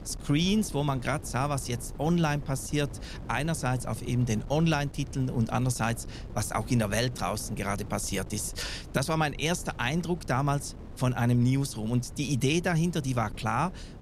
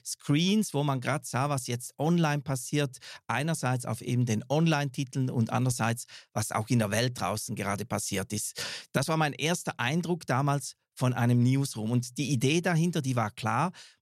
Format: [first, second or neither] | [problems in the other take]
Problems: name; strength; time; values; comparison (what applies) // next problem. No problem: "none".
second | wind noise on the microphone; occasional gusts; 20 dB below the speech